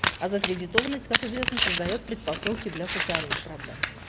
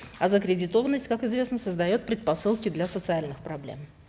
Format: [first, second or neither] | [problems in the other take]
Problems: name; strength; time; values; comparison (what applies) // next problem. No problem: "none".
second | background sound (Domestic sounds, home sounds); 2 dB above the speech